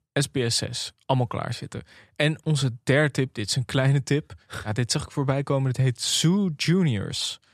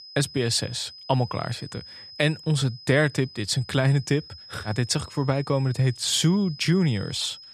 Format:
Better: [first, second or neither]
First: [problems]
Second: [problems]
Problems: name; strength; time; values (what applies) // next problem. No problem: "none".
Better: first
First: none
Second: high-pitched whine; noticeable; throughout; 5 kHz, 15 dB below the speech